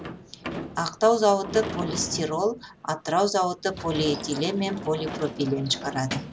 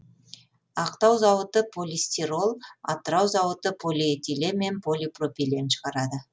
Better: second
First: background sound (Sliding door / Slam); 10 dB below the speech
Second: none

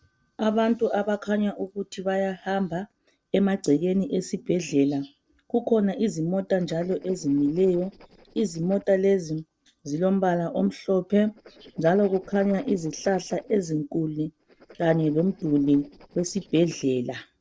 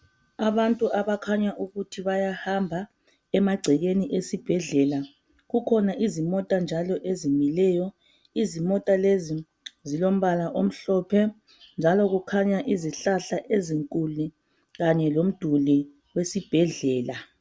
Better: second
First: noise reduction (neural separator model SepFormer DNS4)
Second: none

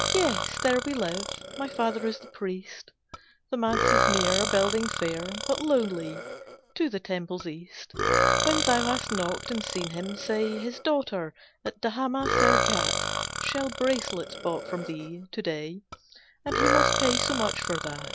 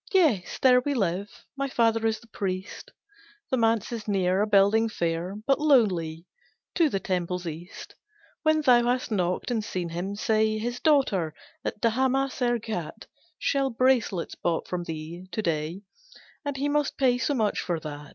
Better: second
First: background sound (Burping, eructation); as loud as the speech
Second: none

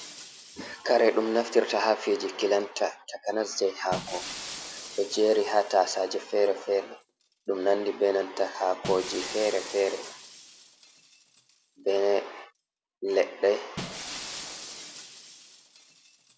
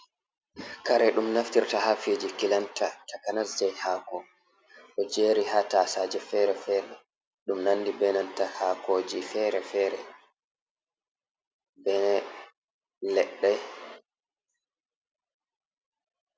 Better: second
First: background sound (Shatter); 16 dB below the speech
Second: none

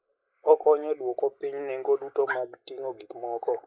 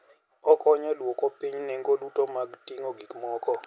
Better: second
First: noise reduction (neural mask model Resemble Enhance denoiser)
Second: none

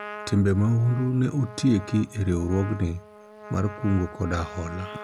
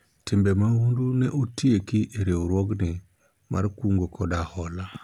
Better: second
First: background sound (Trumpet); 16 dB below the speech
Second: none

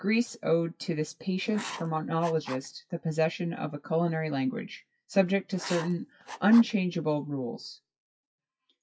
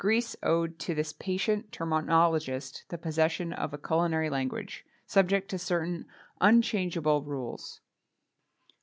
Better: second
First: noise reduction (classical method WPE with log-MMSE)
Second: none

